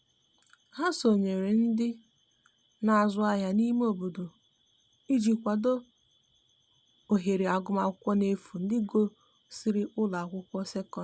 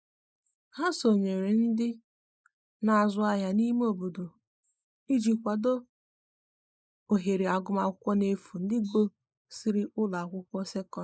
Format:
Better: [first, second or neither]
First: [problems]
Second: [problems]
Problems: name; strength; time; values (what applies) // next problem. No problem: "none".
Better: first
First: none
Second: noise reduction (neural mask model Resemble Enhance denoiser)